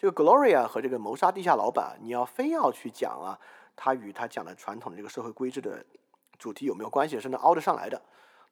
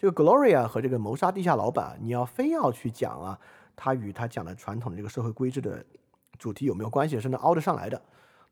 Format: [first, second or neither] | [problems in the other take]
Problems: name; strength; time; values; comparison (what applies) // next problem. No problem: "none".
second | thin; somewhat; fading below 250 Hz